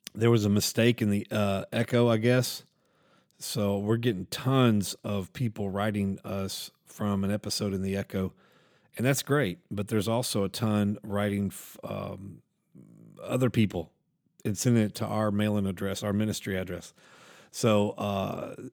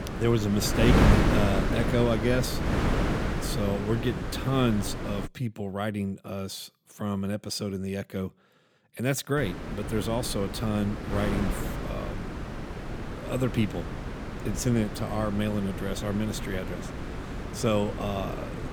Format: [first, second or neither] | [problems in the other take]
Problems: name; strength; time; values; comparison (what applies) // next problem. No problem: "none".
first | wind noise on the microphone; heavy; until 5.5 s and from 9.5 s on; 2 dB below the speech